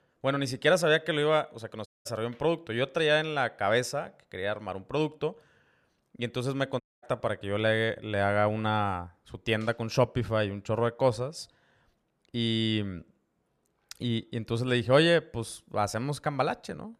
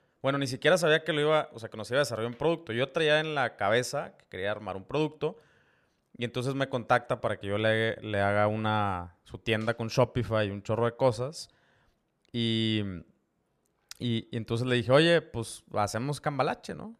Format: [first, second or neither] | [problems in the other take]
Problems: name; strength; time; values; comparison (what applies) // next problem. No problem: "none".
second | audio cutting out; at 2 s and at 7 s